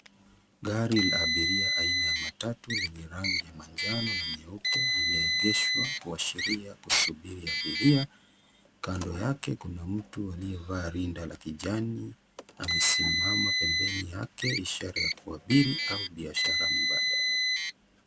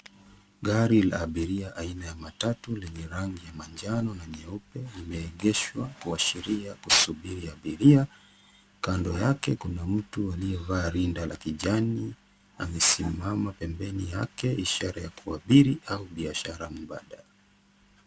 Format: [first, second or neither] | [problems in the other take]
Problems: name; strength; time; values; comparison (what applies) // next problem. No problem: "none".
second | background sound (Car); 1 dB above the speech